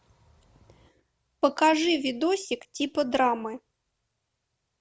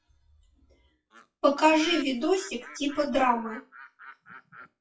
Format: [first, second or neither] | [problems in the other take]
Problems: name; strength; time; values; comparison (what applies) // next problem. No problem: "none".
first | noise reduction (classical method WPE with log-MMSE)